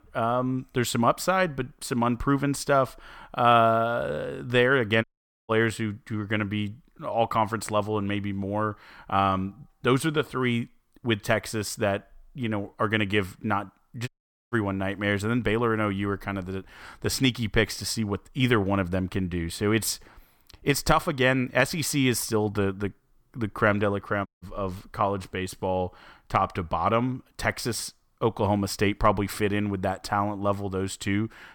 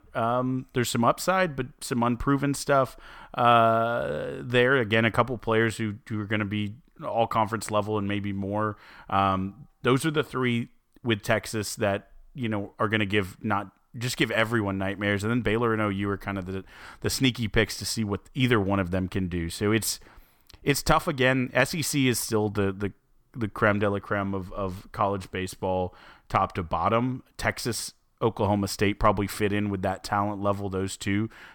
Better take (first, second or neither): second